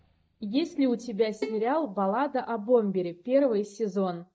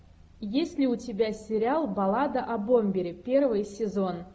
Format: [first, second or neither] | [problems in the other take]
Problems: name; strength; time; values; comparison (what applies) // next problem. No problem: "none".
second | noise reduction (neural mask model DeepFilterNet 3)